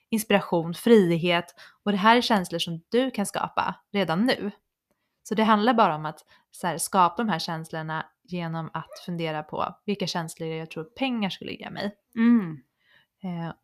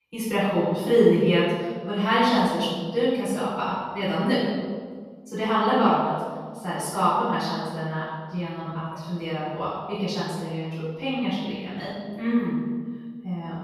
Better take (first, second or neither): first